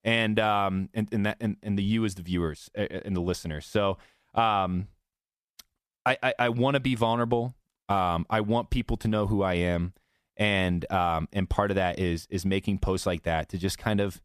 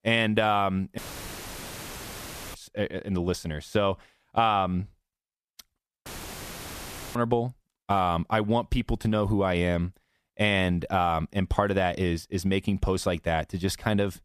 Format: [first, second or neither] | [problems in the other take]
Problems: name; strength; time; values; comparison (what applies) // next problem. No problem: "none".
first | audio cutting out; filled with static; at 1 s for 1.5 s and at 6 s for 1 s